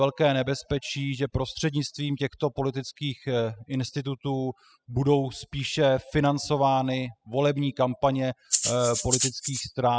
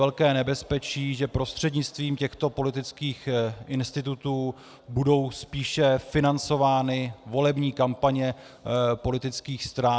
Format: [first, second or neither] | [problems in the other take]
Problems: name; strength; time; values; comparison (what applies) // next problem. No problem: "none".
second | noise reduction (classical method spectral subtraction)